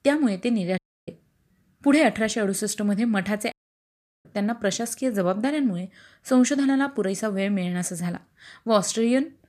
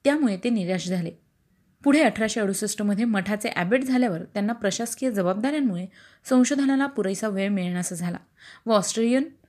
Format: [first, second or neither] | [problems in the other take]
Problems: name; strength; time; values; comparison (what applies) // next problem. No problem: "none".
second | audio cutting out; at 1 s and at 3.5 s for 0.5 s